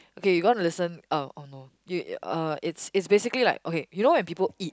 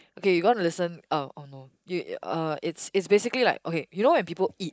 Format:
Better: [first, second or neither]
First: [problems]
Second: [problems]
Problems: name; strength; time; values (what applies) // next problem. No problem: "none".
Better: first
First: none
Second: noise reduction (neural mask model Resemble Enhance denoiser)